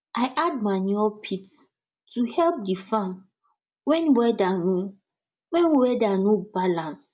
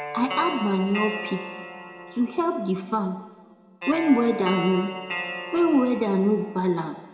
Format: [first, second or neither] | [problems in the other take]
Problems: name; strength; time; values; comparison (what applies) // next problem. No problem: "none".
first | background sound (Guitar); 10 dB below the speech // room echo; dies away in 1.9 s